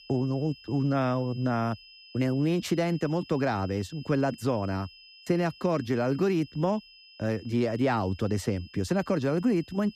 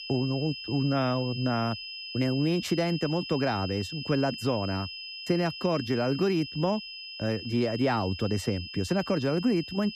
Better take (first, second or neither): first